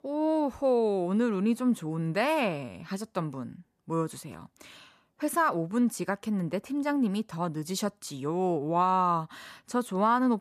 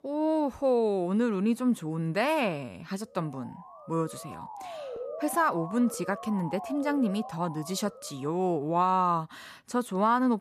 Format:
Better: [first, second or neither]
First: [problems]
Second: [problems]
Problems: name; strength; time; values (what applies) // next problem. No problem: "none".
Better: first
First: none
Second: siren; noticeable; from 3 to 8.5 s; peak 9 dB below the speech